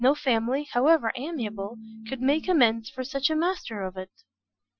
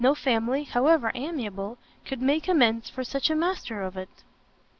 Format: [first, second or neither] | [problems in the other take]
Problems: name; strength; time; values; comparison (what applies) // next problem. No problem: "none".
second | noise reduction (classical method Wiener filter)